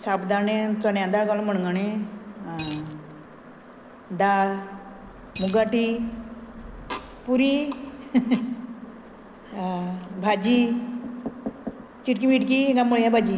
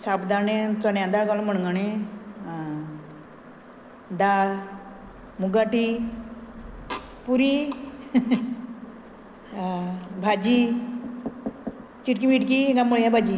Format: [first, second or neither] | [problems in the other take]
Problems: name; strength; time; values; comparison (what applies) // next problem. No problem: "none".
second | background sound (Coin (dropping)); 15 dB below the speech